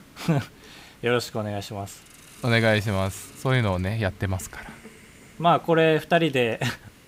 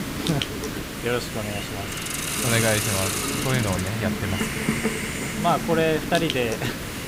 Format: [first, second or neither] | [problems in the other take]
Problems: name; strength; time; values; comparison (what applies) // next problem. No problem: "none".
first | hiss; loud; throughout; as loud as the speech; faint in the first